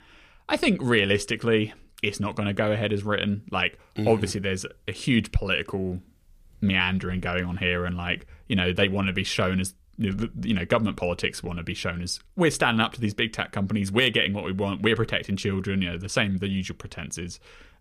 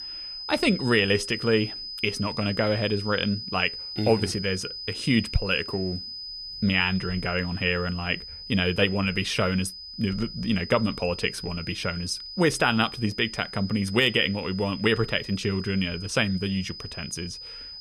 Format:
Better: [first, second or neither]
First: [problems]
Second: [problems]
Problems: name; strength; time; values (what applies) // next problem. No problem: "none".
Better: first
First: none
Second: high-pitched whine; loud; throughout; 5 kHz, 10 dB below the speech